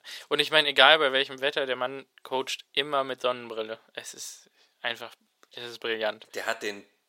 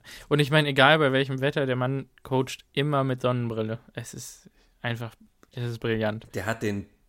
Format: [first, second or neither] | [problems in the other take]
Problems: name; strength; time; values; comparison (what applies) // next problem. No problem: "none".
second | thin; very; fading below 550 Hz